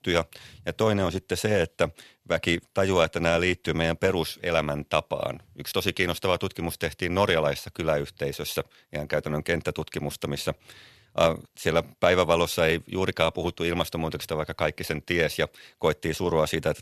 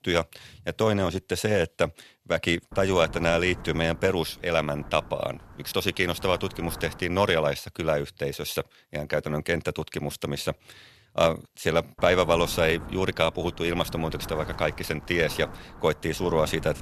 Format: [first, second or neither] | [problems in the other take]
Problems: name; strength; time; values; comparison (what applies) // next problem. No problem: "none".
first | wind noise on the microphone; occasional gusts; from 2.5 to 7.5 s and from 12 s on; 20 dB below the speech